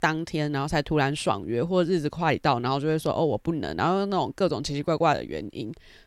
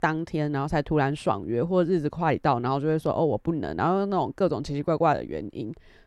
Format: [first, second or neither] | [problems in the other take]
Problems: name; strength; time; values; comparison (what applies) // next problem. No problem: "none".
first | muffled; slightly; fading above 2 kHz